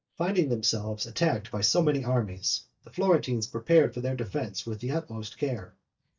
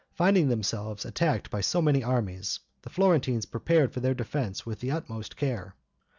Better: second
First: noise reduction (neural mask model DeepFilterNet 3)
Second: none

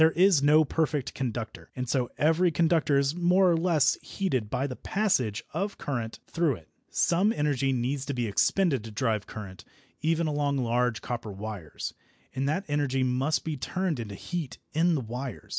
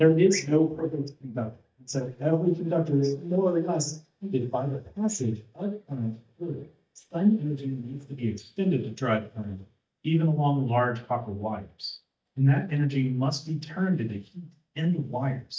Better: first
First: none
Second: noise reduction (neural mask model DeepFilterNet 3)

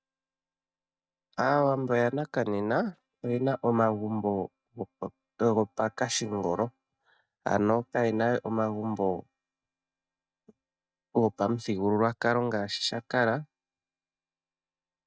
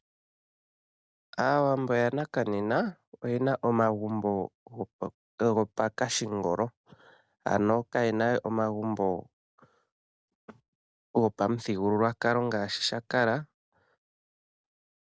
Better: second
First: noise reduction (neural mask model DeepFilterNet 3)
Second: none

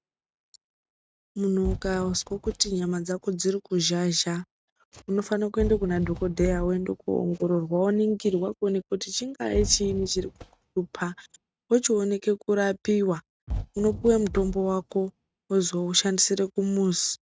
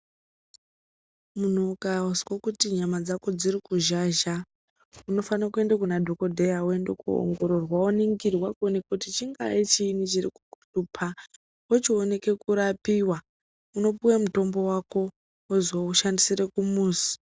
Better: second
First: noise reduction (neural mask model RNNoise)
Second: none

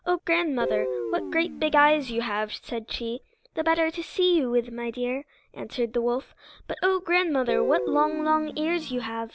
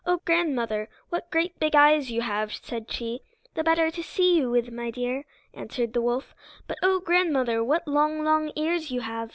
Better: second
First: background sound (Guitar); 6 dB below the speech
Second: none

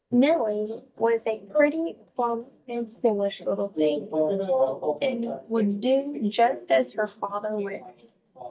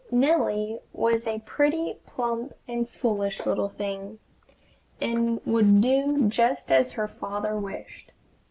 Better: second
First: noise reduction (neural mask model DeepFilterNet 3)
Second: none

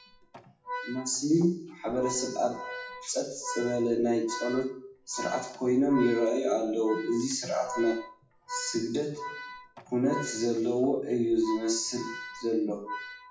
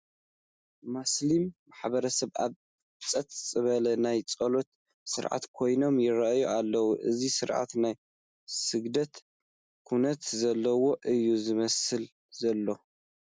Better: second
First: noise reduction (classical method WPE with log-MMSE)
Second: none

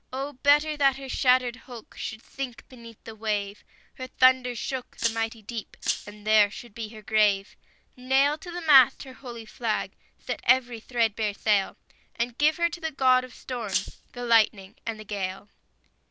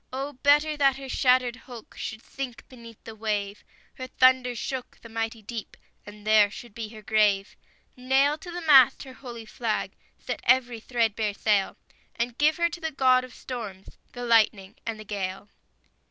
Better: second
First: background sound (Rattle (instrument)); 6 dB below the speech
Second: none

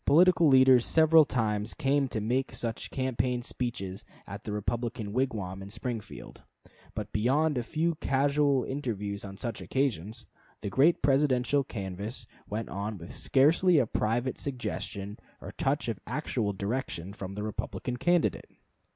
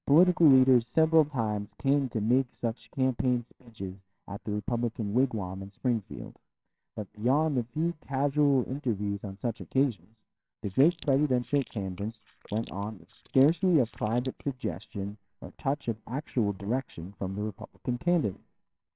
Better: first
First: none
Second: noise reduction (neural separator model SepFormer WHAMR!)

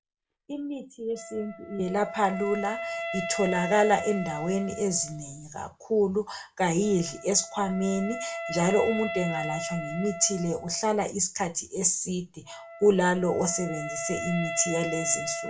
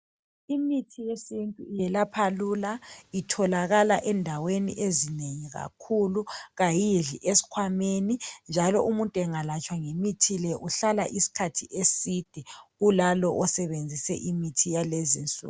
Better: second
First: background sound (Wind instrument, woodwind instrument); 9 dB below the speech // room echo; dies away in 0.2 s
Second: none

